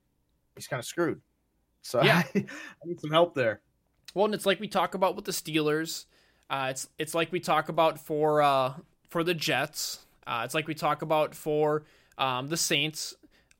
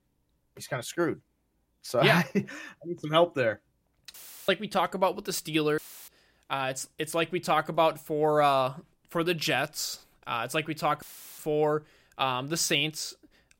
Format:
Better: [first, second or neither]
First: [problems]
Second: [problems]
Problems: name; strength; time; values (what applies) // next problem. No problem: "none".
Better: first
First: none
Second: audio cutting out; filled with static; at 4 s, at 6 s and at 11 s